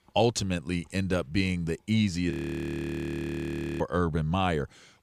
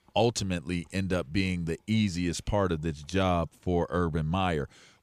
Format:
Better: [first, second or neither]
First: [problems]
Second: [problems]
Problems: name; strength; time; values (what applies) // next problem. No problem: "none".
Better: second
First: audio freezing; at 2.5 s for 1.5 s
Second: none